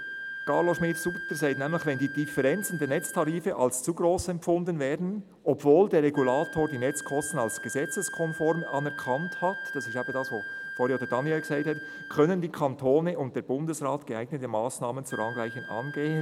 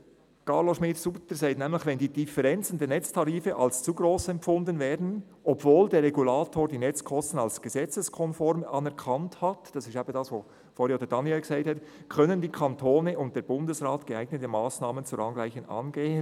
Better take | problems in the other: second | background sound (Wind instrument, woodwind instrument); 12 dB below the speech

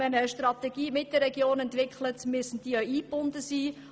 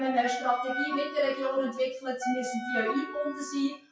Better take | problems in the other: first | noise reduction (classical method WPE with log-MMSE)

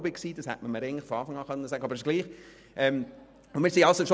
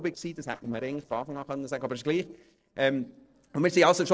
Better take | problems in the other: first | noise reduction (neural separator model SepFormer DNS4)

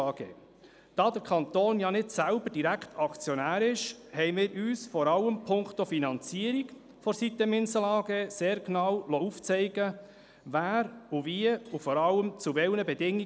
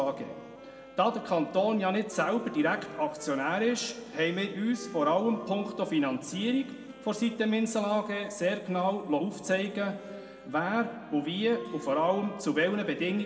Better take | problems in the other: first | background sound (Wind instrument, woodwind instrument); 19 dB below the speech // room echo; dies away in 1.5 s

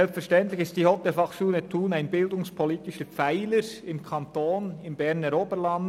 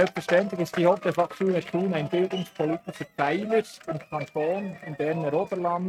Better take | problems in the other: first | noise reduction (neural mask model RNNoise)

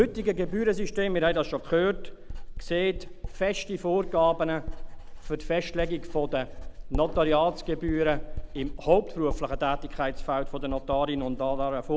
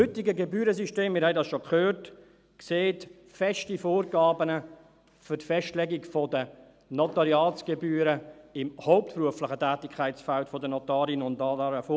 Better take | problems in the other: second | background sound (Writing); 6 dB below the speech

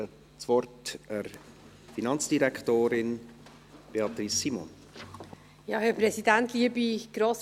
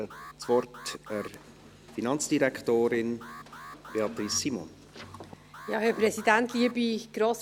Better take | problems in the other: first | background sound (Alarm); 18 dB below the speech

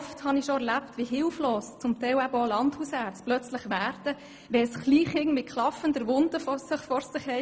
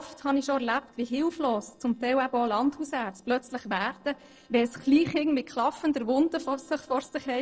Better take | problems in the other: first | noise reduction (neural separator model SepFormer DNS4)

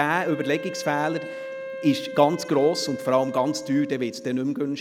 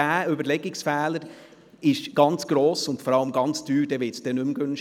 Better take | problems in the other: second | background sound (Wind instrument, woodwind instrument); 11 dB below the speech

